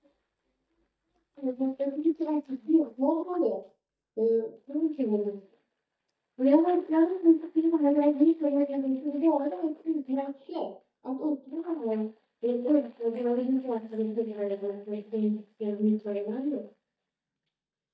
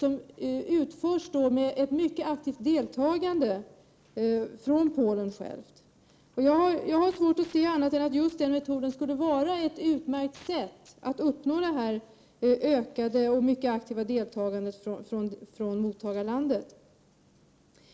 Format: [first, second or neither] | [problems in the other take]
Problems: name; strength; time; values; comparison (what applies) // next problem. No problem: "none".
second | noise reduction (neural mask model DeepFilterNet 3)